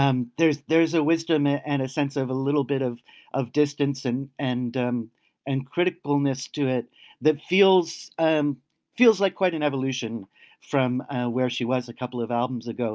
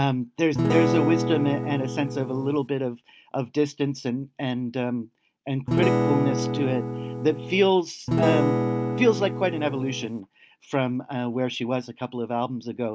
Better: first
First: none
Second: background sound (Acoustic guitar / Strum); as loud as the speech

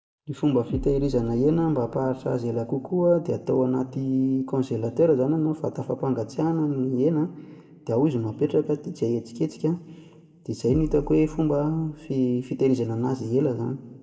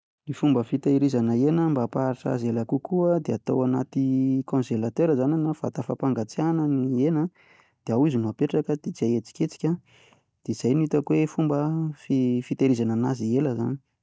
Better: second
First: background sound (Bass drum); 14 dB below the speech // room echo; dies away in 1 s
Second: none

